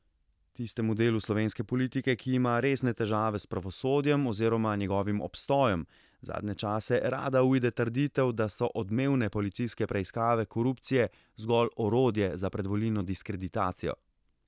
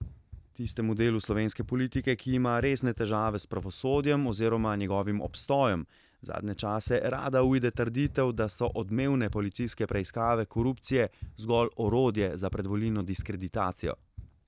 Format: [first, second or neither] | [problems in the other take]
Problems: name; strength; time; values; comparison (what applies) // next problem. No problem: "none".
first | background sound (Run); 15 dB below the speech